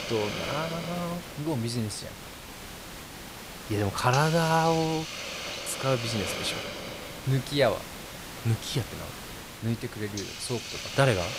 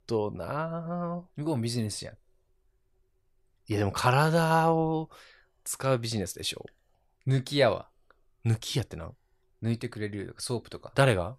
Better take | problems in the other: second | hiss; loud; throughout; 7 dB below the speech

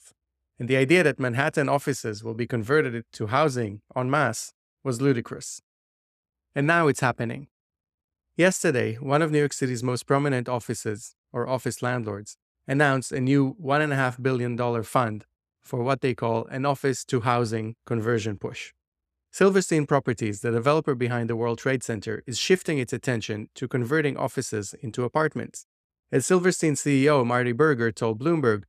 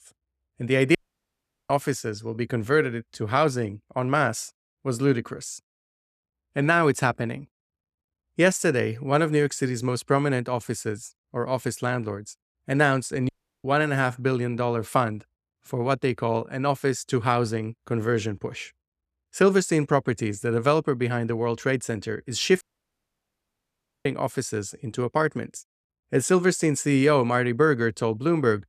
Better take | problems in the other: first | audio cutting out; at 1 s for 0.5 s, at 13 s and at 23 s for 1.5 s

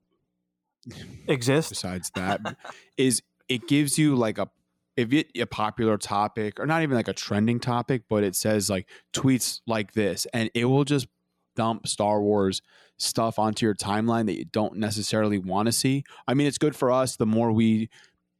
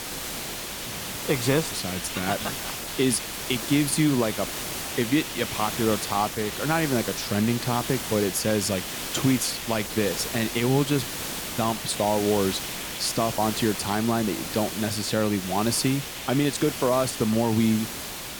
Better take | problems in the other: first | hiss; loud; throughout; 5 dB below the speech

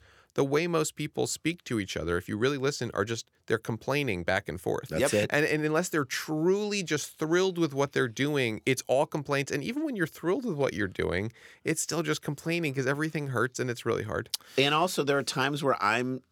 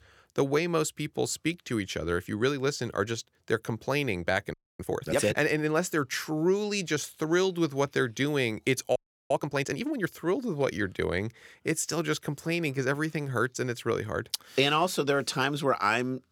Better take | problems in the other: first | audio freezing; at 4.5 s and at 9 s

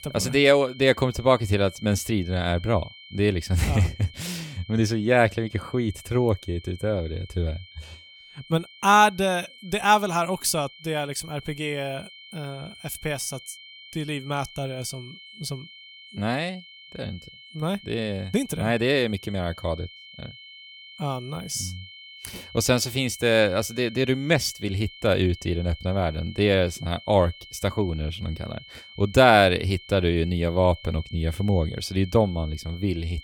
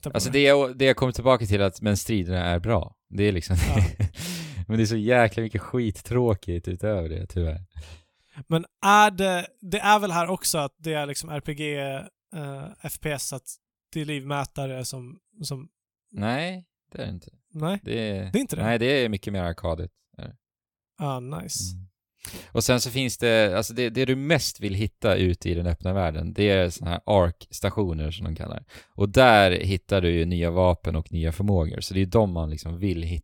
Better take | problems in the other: second | high-pitched whine; noticeable; throughout; 3 kHz, 20 dB below the speech

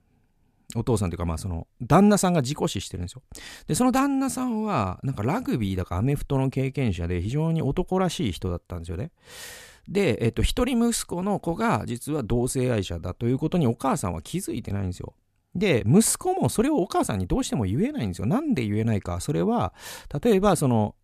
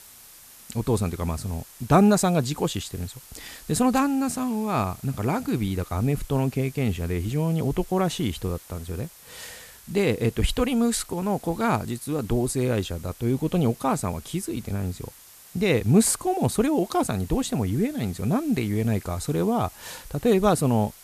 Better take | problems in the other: first | hiss; faint; throughout; 20 dB below the speech

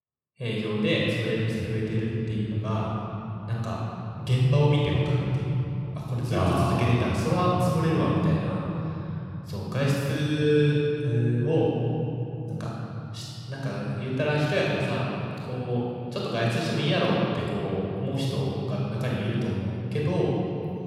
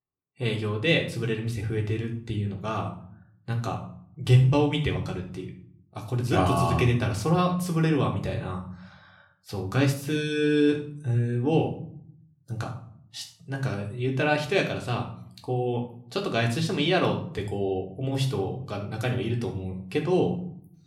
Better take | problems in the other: second | room echo; strong; dies away in 3 s; slight in the second // off-mic speech; far; somewhat distant in the second

